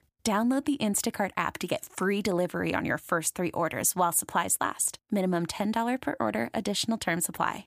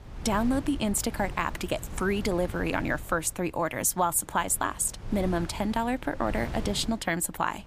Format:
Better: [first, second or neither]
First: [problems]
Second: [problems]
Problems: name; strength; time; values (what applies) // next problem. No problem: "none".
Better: first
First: none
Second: wind noise on the microphone; occasional gusts; 15 dB below the speech